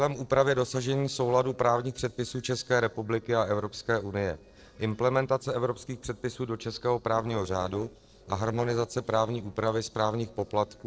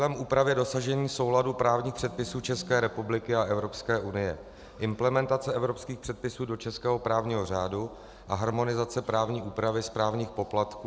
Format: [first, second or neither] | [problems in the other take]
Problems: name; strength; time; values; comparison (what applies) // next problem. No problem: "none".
second | noise reduction (neural separator model SepFormer DNS4)